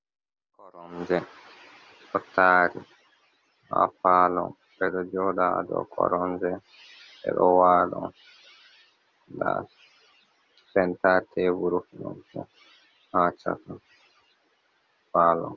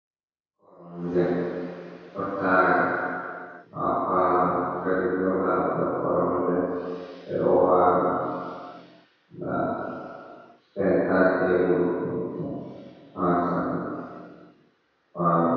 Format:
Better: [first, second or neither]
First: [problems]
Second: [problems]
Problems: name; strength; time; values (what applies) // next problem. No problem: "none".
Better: first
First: none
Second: room echo; dies away in 2 s